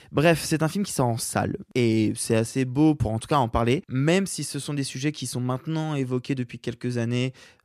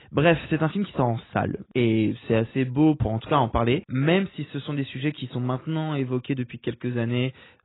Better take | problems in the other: first | garbled, watery; badly; nothing above 4 kHz

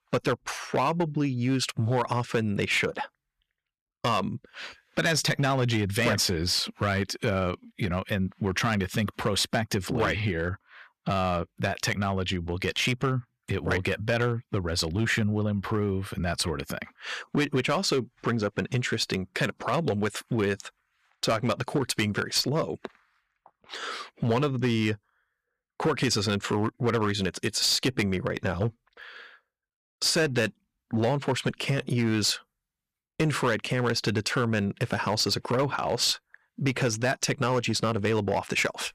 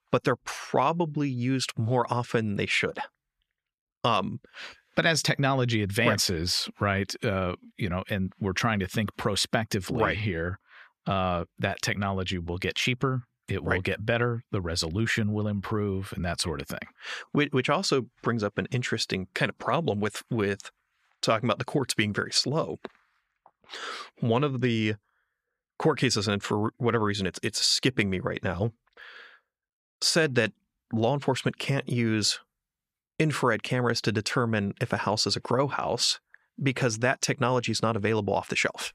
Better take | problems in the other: second | distortion; slight; 5% of the sound clipped

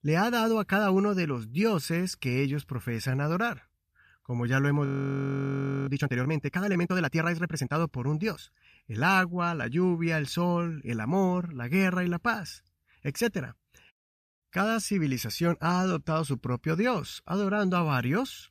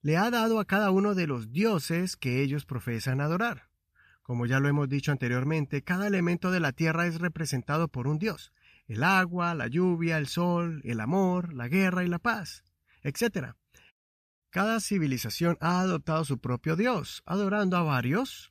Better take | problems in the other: second | audio freezing; at 5 s for 1 s

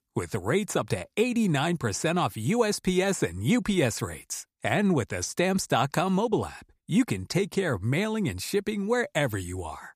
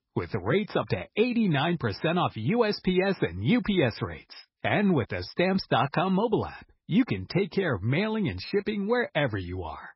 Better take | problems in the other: first | garbled, watery; badly; nothing above 5.5 kHz

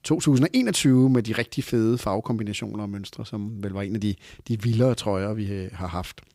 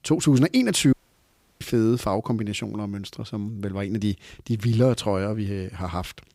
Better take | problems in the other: first | audio cutting out; at 1 s for 0.5 s

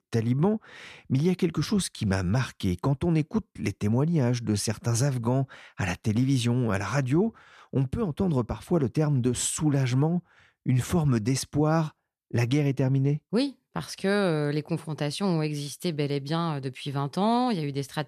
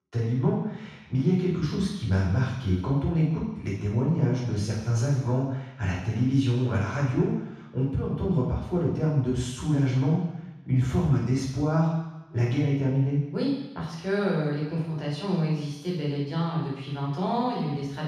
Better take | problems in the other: first | room echo; strong; dies away in 1.1 s // off-mic speech; far

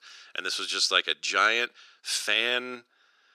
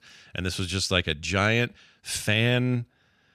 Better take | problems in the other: second | thin; very; fading below 350 Hz

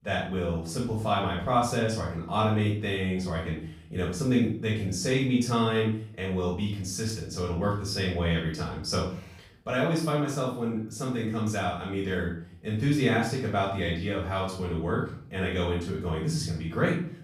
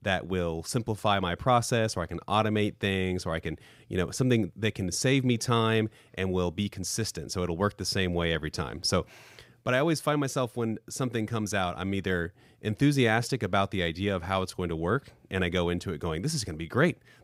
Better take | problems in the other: second | off-mic speech; far // room echo; noticeable; dies away in 0.5 s

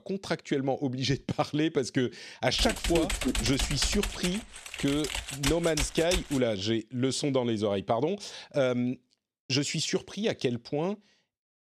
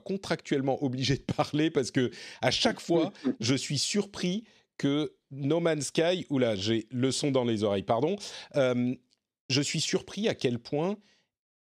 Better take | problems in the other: second | keyboard typing; noticeable; from 2.5 to 6.5 s; peak 2 dB below the speech

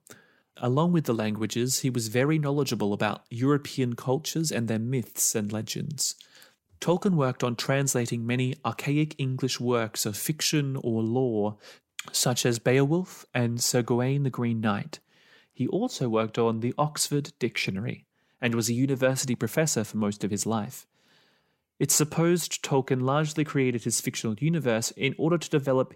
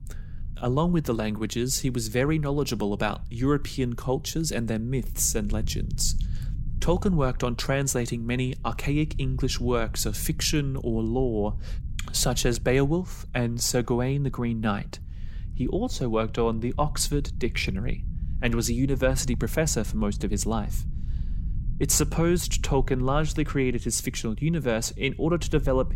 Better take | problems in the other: first | low rumble; faint; throughout; 25 dB below the speech

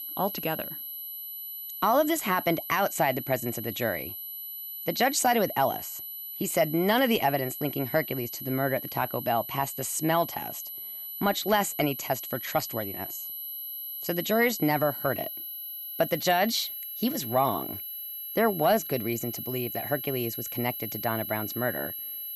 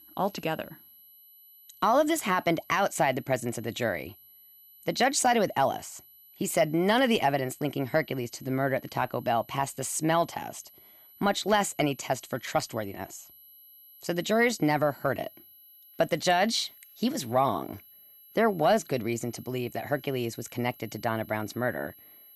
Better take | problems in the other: second | high-pitched whine; loud; throughout; 12 kHz, 7 dB below the speech; faint in the second

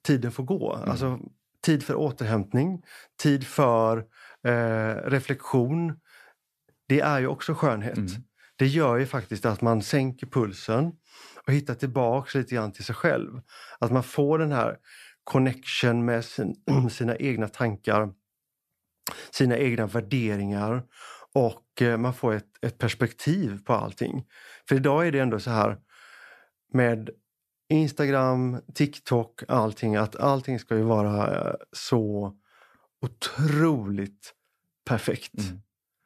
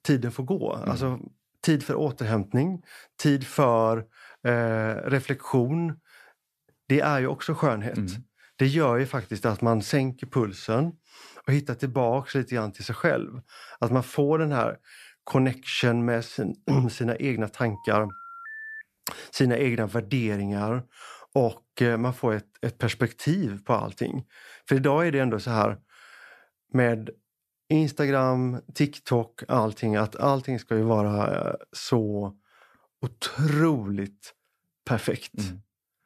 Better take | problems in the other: first | phone ringing; faint; from 18 to 19 s; peak 10 dB below the speech

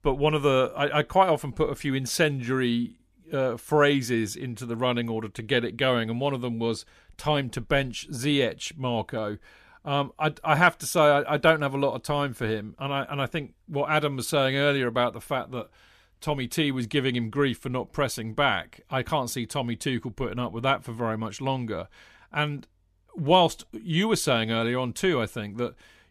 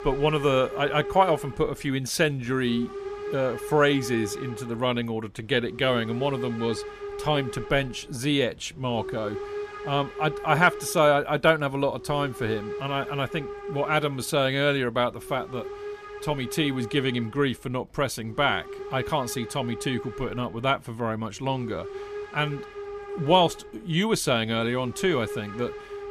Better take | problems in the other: first | hiss; noticeable; throughout; 10 dB below the speech

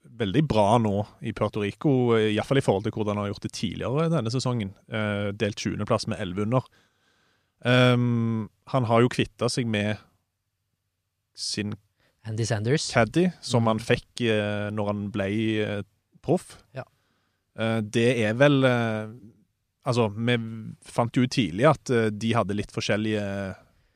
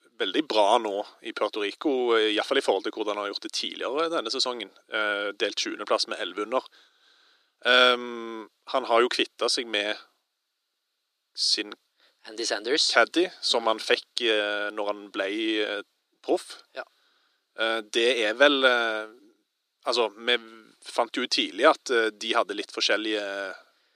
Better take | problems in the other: first | thin; very; fading below 300 Hz

